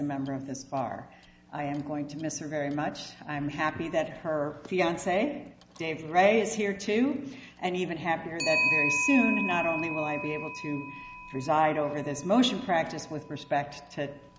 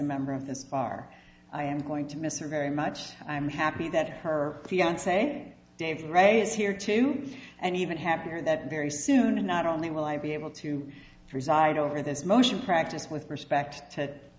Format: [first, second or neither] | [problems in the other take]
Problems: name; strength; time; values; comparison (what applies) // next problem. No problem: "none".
second | background sound (Clock); 8 dB below the speech